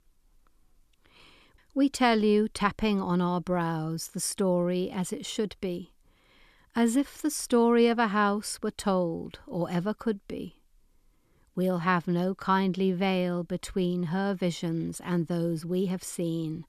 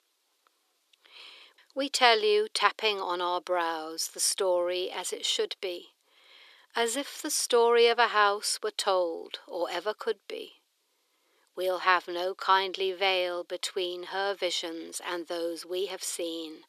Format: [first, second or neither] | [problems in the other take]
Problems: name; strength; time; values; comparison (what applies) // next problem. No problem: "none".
first | thin; very; fading below 400 Hz